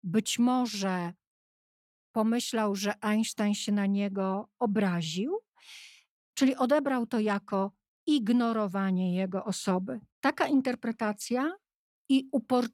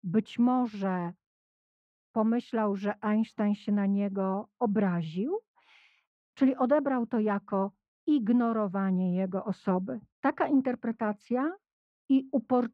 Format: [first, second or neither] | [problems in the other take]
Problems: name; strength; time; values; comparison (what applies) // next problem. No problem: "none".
first | muffled; very; fading above 4 kHz